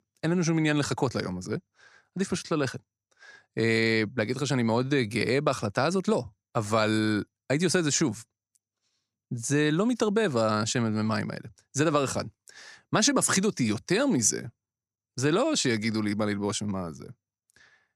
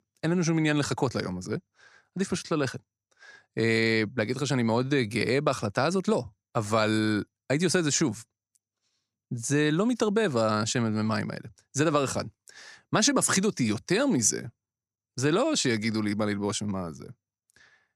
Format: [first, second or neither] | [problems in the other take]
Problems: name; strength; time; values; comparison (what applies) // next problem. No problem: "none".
neither | none